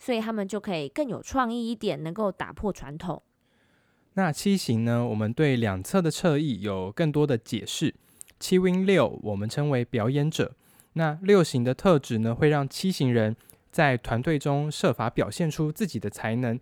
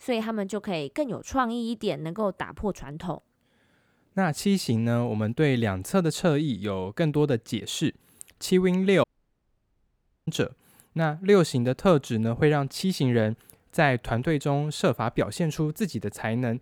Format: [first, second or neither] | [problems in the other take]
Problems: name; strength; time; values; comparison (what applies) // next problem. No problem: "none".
first | audio cutting out; at 9 s for 1 s